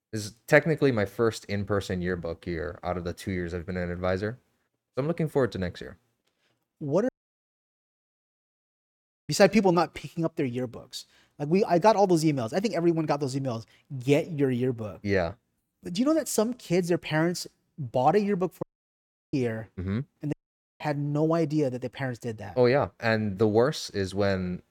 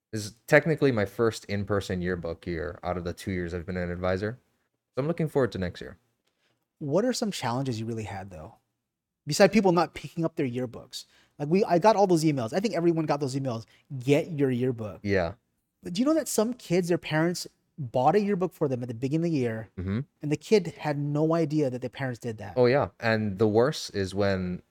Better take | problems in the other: second | audio cutting out; at 7 s for 2 s, at 19 s for 0.5 s and at 20 s

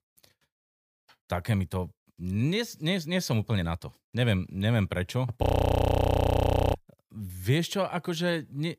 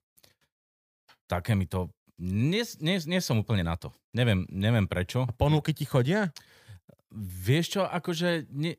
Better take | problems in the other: second | audio freezing; at 5.5 s for 1.5 s

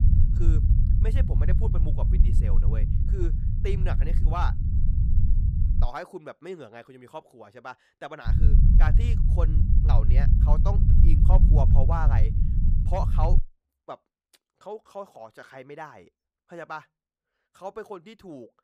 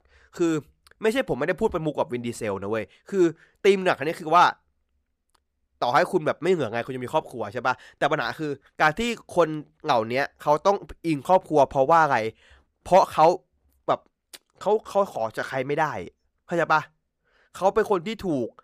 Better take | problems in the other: second | low rumble; loud; until 6 s and from 8.5 to 13 s; 3 dB below the speech

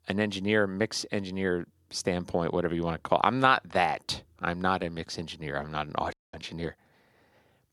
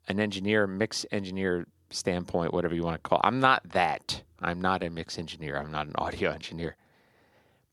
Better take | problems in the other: second | audio cutting out; at 6 s

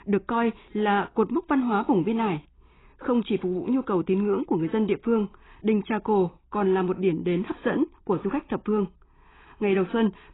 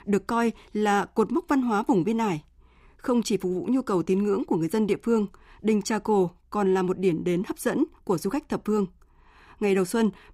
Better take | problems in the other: second | garbled, watery; badly; nothing above 4 kHz

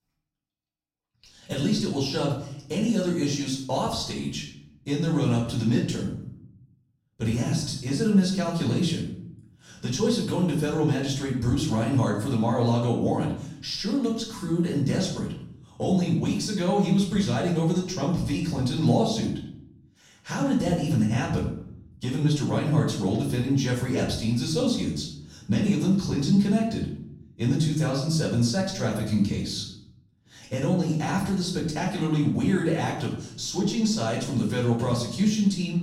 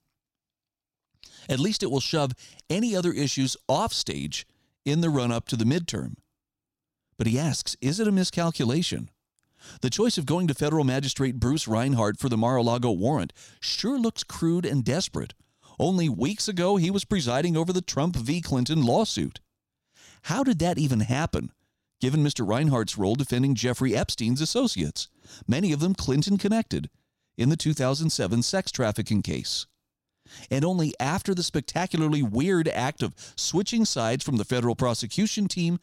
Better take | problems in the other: second | off-mic speech; far // room echo; noticeable; dies away in 0.6 s

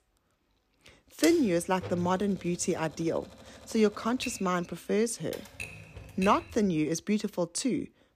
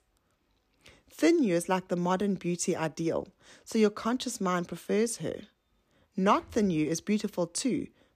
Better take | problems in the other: second | keyboard typing; noticeable; from 1 to 6.5 s; peak 8 dB below the speech

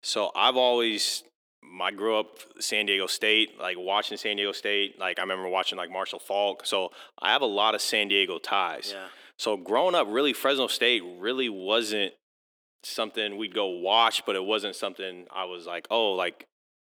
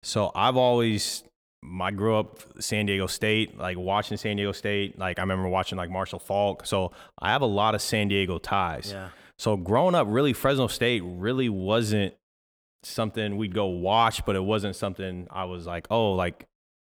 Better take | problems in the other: second | thin; somewhat; fading below 300 Hz

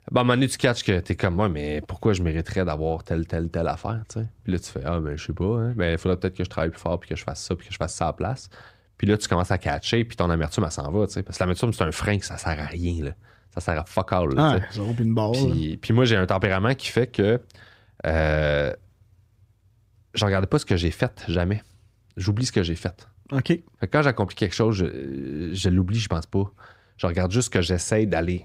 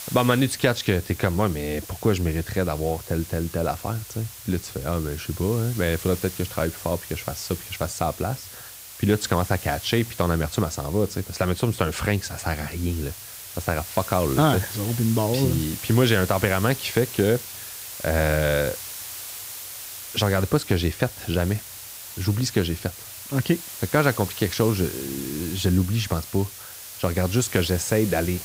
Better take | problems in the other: first | hiss; noticeable; throughout; 10 dB below the speech

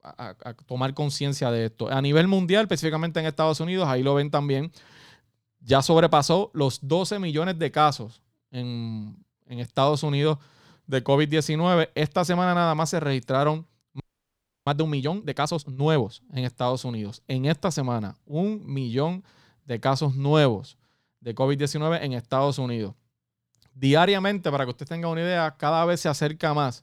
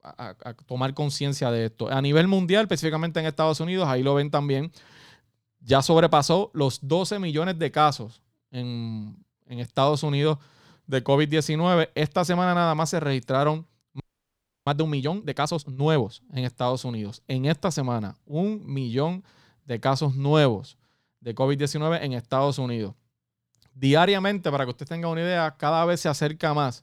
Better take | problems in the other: neither | audio freezing; at 14 s for 0.5 s; the same in both

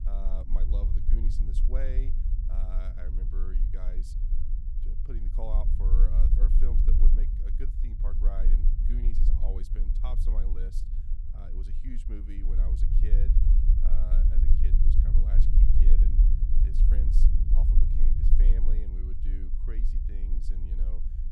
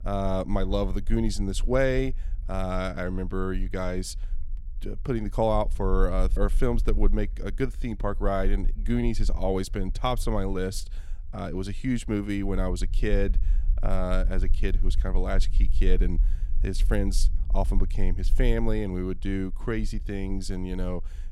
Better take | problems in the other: second | low rumble; loud; throughout; as loud as the speech; faint in the second

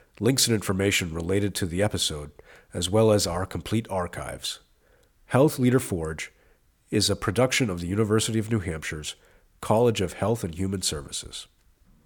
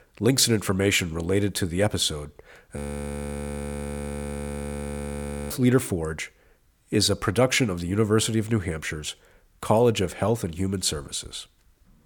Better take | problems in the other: first | audio freezing; at 3 s for 2.5 s

